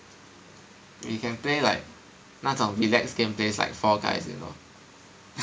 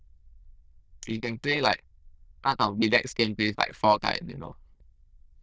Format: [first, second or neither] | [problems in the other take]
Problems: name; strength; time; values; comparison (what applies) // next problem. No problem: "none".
first | noise reduction (neural diffusion model UNIVERSE++)